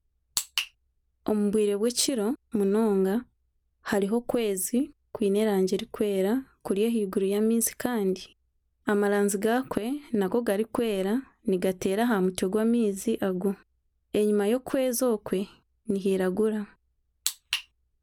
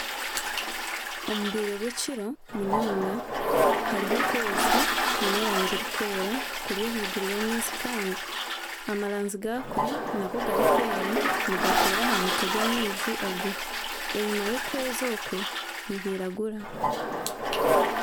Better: first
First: none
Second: background sound (Toilet flush); 4 dB above the speech

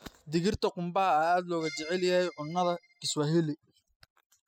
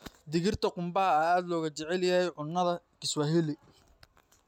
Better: second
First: noise reduction (classical method spectral subtraction)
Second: none

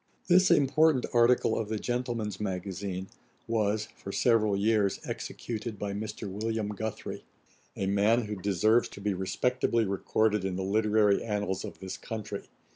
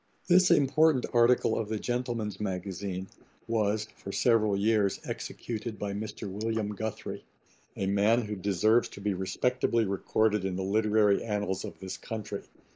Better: first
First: none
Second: noise reduction (neural mask model Resemble Enhance denoiser)

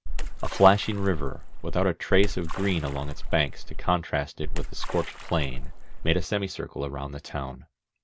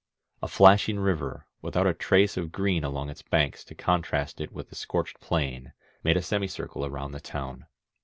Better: second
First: background sound (Splash, splatter); 1 dB above the speech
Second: none

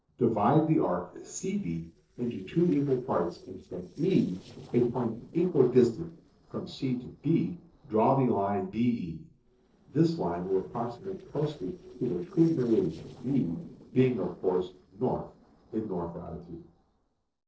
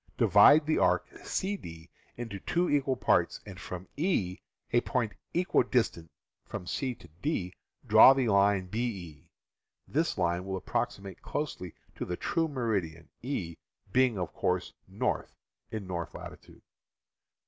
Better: second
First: noise reduction (neural separator model SepFormer DNS4)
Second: none

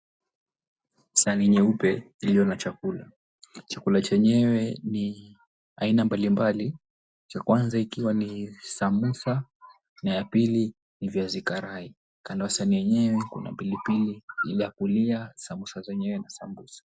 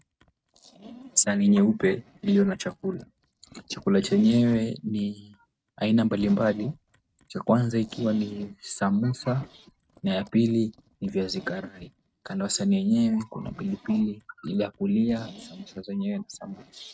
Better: first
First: none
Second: noise reduction (neural mask model RNNoise)

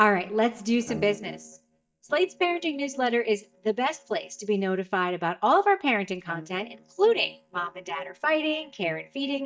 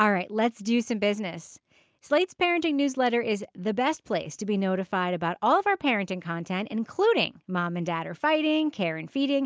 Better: second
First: noise reduction (neural mask model DeepFilterNet 3)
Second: none

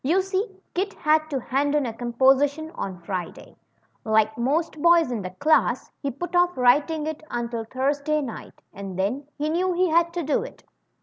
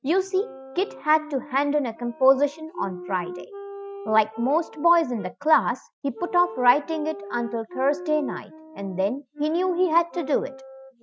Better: first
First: none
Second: noise reduction (classical method Wiener filter)

